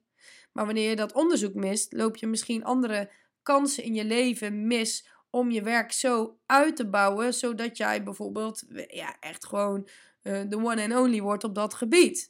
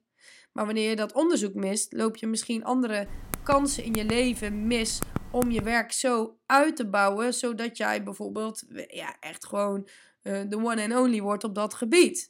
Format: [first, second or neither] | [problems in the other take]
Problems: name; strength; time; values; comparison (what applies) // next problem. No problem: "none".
first | keyboard typing; noticeable; from 3 to 5.5 s; peak 8 dB below the speech